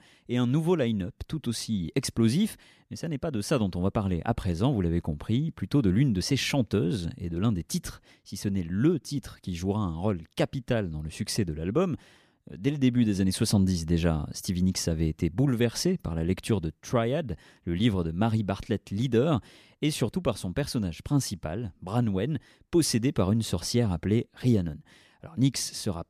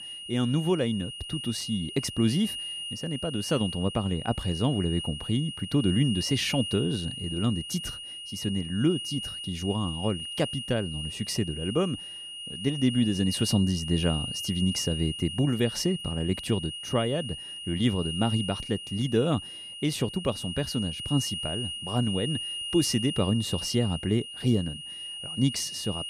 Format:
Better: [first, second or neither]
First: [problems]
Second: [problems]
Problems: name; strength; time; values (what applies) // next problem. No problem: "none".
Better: first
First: none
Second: high-pitched whine; loud; throughout; 3 kHz, 6 dB below the speech